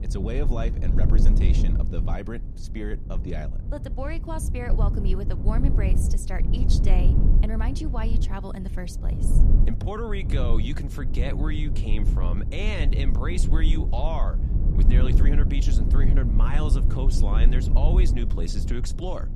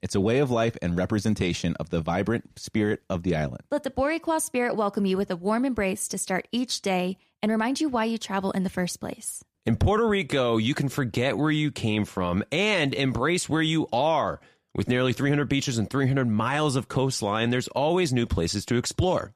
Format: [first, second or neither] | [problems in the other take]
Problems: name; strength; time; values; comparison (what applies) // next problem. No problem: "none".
second | low rumble; loud; throughout; 4 dB below the speech